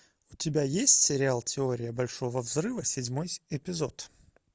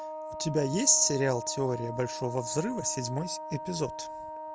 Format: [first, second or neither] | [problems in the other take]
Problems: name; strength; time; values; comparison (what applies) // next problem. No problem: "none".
first | background sound (Wind instrument, woodwind instrument); 8 dB below the speech